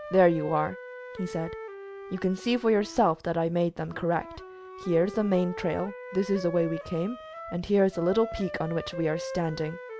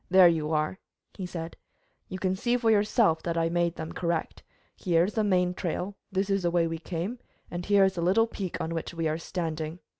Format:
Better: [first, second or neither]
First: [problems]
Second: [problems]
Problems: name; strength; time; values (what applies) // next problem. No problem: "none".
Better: second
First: background sound (Wind instrument, woodwind instrument); 12 dB below the speech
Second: none